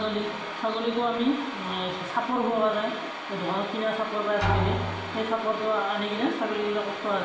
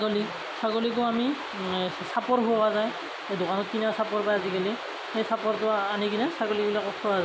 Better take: second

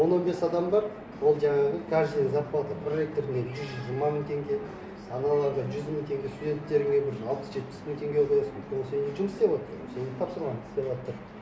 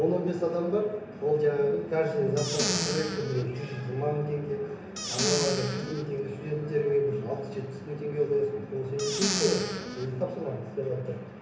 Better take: first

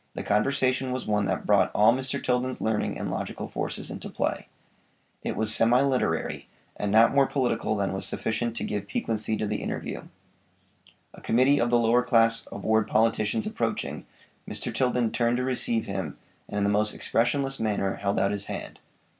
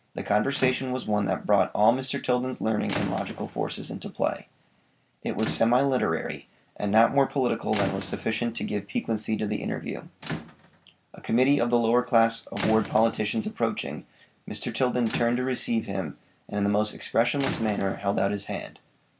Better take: first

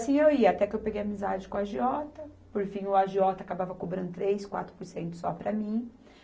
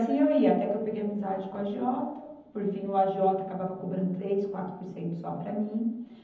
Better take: first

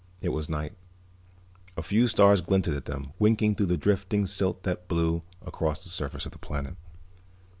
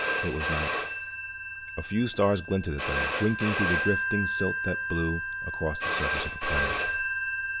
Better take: first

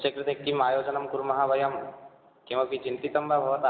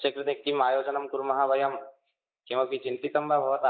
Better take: first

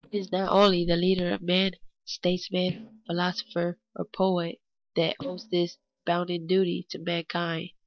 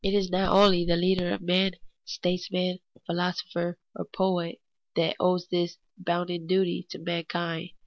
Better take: second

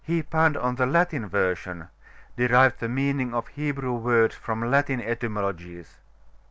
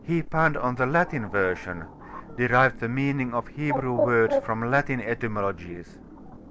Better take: first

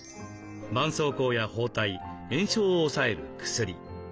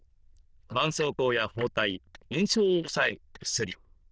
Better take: first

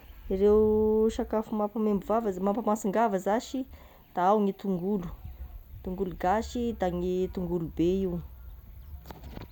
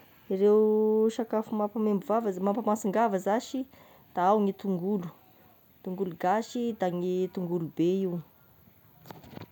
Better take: second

